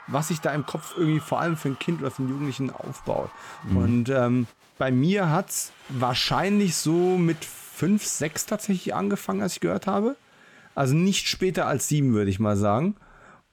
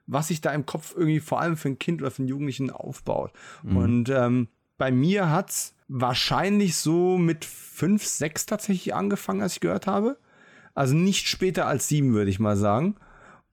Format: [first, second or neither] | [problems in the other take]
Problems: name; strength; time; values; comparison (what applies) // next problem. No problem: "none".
second | crowd noise; faint; throughout; 20 dB below the speech